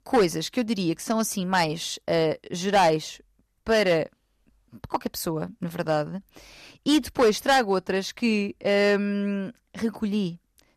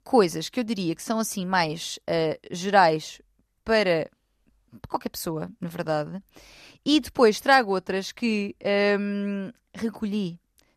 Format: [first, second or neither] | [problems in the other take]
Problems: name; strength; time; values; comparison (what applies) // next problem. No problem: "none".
second | distortion; slight; 3% of the sound clipped